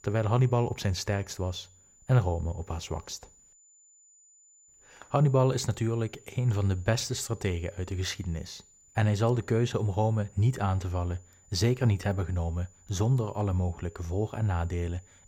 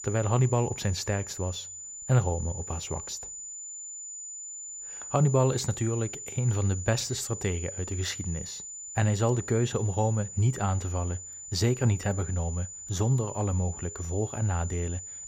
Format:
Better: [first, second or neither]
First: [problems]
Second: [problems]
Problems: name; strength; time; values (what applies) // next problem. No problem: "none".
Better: first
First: high-pitched whine; faint; throughout; 7 kHz, 30 dB below the speech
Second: high-pitched whine; loud; throughout; 7 kHz, 9 dB below the speech